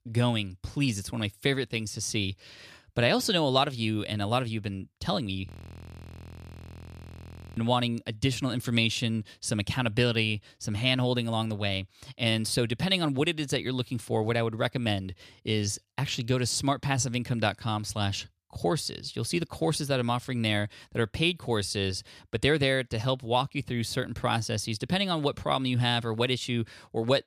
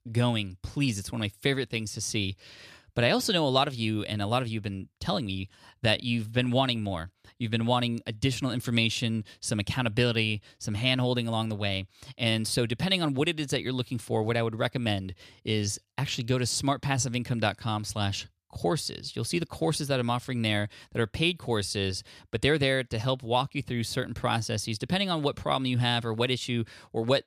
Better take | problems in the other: second | audio freezing; at 5.5 s for 2 s

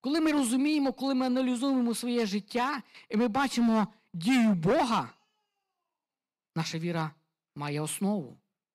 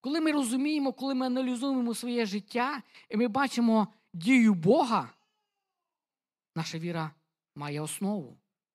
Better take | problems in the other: second | distortion; slight; 6% of the sound clipped

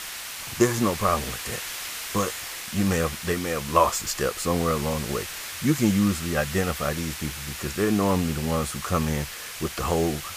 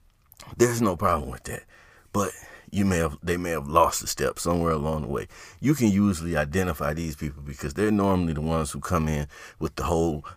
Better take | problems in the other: second | hiss; loud; throughout; 7 dB below the speech

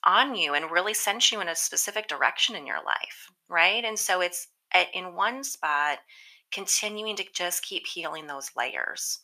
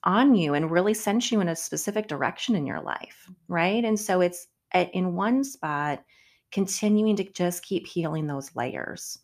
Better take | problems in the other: second | thin; very; fading below 1 kHz

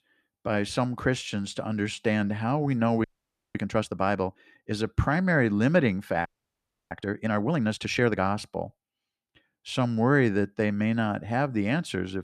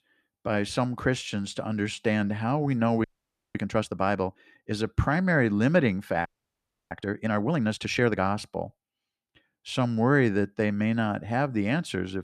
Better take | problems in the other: neither | audio freezing; at 3 s for 0.5 s and at 6.5 s for 0.5 s; the same in both

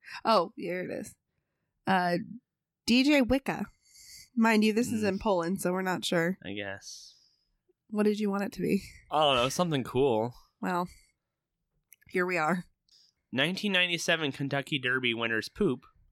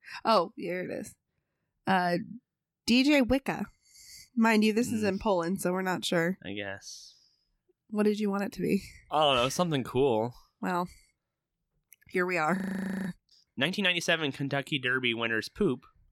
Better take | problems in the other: first | audio freezing; at 13 s for 0.5 s

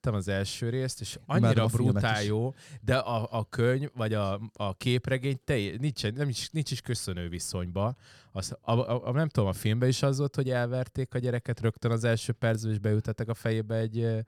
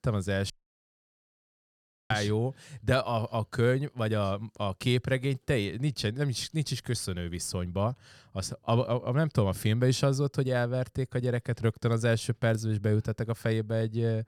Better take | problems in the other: first | audio cutting out; at 0.5 s for 1.5 s

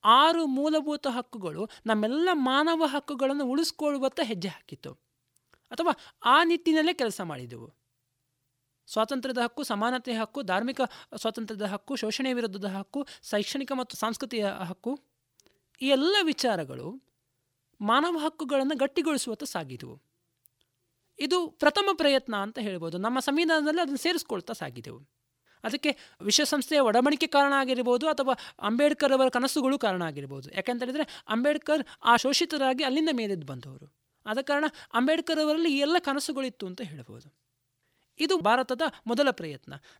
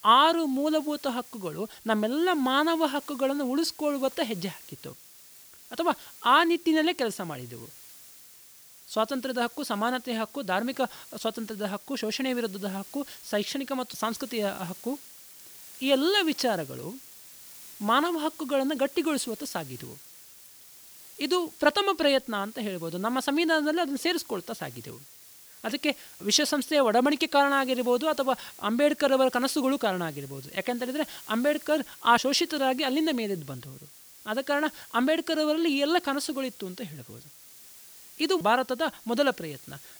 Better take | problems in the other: first | hiss; noticeable; throughout; 20 dB below the speech

